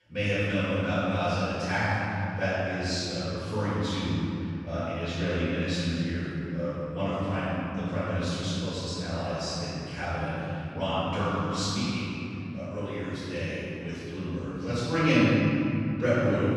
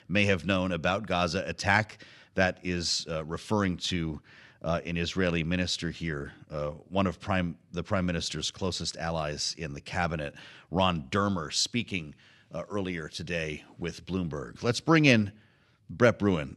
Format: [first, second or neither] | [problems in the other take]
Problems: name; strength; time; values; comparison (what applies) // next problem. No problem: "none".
second | off-mic speech; far // room echo; strong; dies away in 3 s